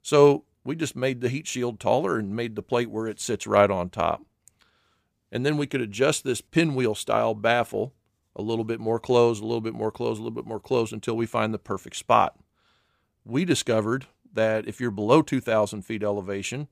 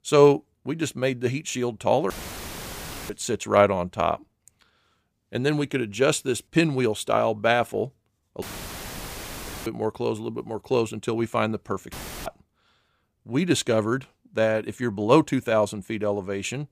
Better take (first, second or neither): first